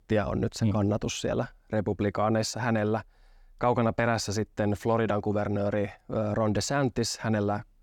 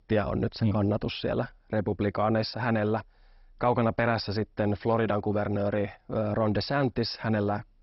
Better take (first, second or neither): first